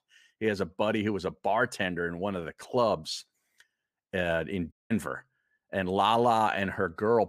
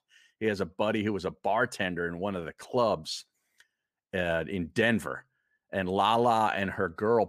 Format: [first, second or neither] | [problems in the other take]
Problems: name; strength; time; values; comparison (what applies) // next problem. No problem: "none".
second | audio cutting out; at 4.5 s